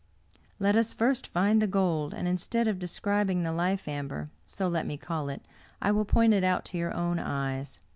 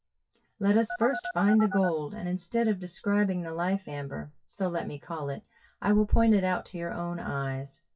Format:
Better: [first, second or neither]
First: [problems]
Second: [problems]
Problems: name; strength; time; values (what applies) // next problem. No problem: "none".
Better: first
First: none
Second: noise reduction (classical method WPE with log-MMSE)